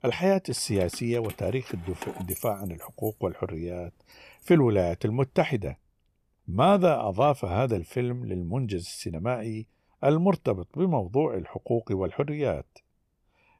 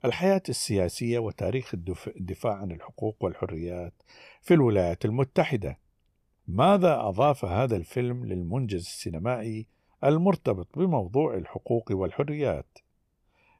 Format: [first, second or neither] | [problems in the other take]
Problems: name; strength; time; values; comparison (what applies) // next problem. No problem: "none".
second | jangling keys; noticeable; from 0.5 to 5 s; peak 9 dB below the speech